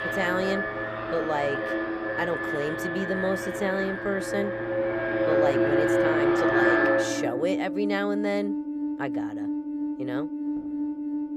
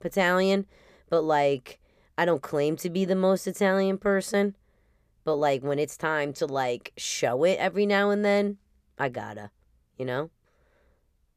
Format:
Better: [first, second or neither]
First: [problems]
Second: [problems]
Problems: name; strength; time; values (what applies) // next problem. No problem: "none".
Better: second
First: alarms or sirens; very loud; throughout; 3 dB above the speech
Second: none